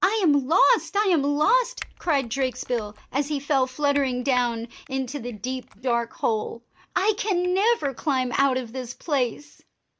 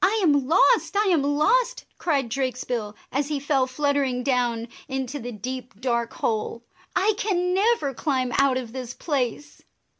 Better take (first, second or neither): second